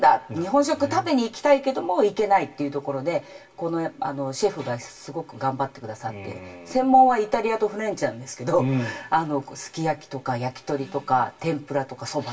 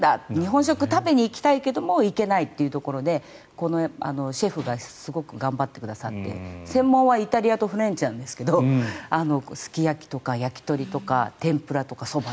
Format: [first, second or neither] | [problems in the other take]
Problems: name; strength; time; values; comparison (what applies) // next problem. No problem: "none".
second | room echo; dies away in 0.1 s